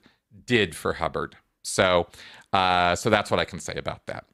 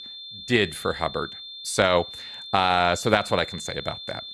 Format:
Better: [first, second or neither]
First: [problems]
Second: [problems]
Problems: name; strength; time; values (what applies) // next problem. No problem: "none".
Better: first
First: none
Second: high-pitched whine; noticeable; throughout; 3.5 kHz, 10 dB below the speech